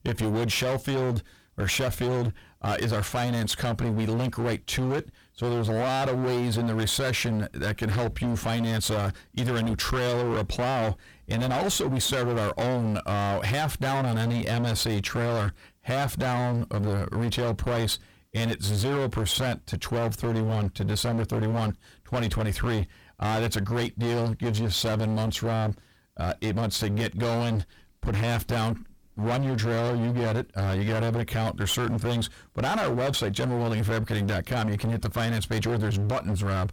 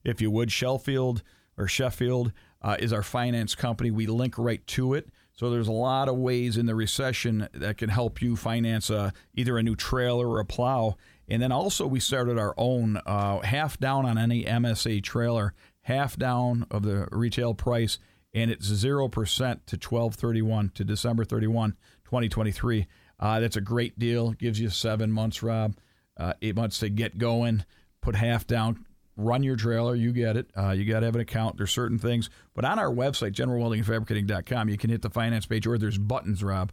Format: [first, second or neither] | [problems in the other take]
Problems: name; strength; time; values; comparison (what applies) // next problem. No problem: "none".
second | distortion; heavy; 33% of the sound clipped